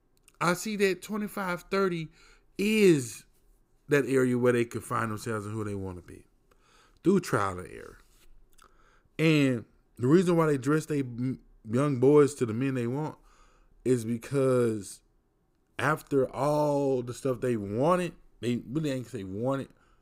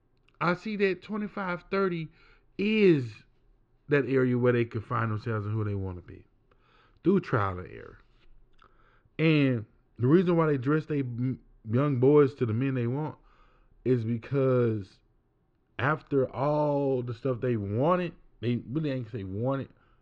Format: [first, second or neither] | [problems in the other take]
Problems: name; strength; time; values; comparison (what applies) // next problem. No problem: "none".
first | muffled; slightly; fading above 4 kHz